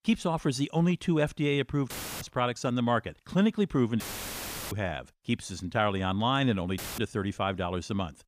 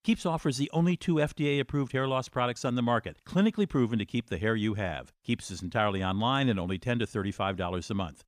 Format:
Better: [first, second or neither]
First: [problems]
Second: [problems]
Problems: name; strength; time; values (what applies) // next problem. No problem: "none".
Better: second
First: audio cutting out; filled with static; at 2 s, at 4 s for 0.5 s and at 7 s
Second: none